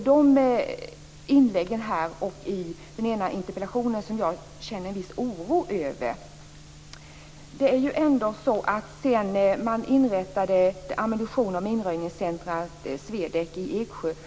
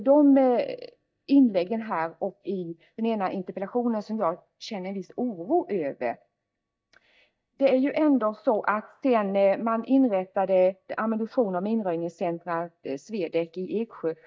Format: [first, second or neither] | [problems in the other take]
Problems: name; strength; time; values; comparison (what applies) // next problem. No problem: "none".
first | noise reduction (neural mask model DeepFilterNet 3)